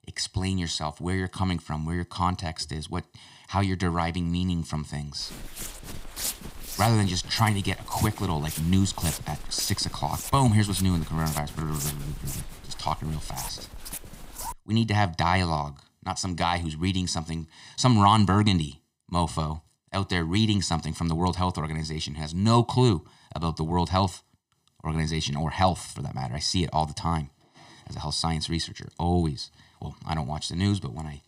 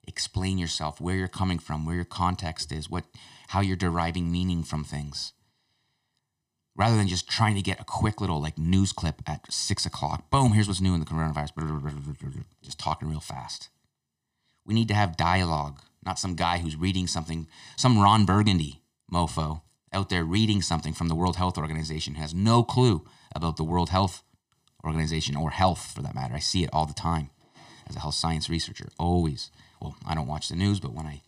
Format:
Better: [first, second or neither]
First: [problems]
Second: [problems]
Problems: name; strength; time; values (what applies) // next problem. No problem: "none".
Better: second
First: footsteps; noticeable; from 5 to 15 s; peak 4 dB below the speech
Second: none